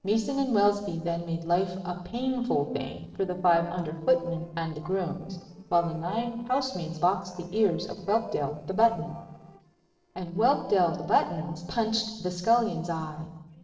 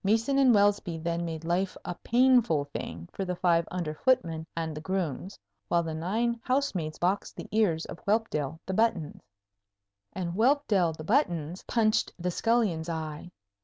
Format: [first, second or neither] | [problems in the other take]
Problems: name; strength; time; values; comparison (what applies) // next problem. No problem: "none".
second | noise reduction (neural separator model SepFormer DNS4)